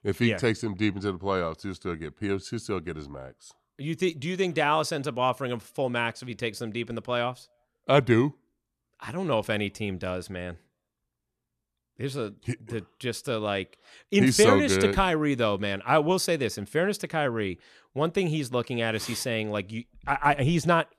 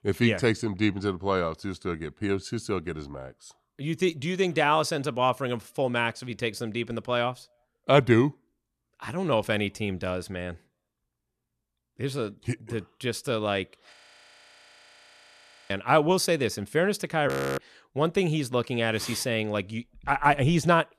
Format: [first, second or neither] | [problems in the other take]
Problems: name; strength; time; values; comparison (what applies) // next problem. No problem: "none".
first | audio freezing; at 14 s for 2 s and at 17 s